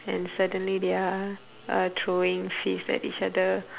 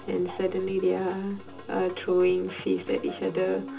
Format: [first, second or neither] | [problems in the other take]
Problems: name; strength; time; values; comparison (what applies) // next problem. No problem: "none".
first | background sound (Musical instrument); 16 dB below the speech // room echo; dies away in 0.2 s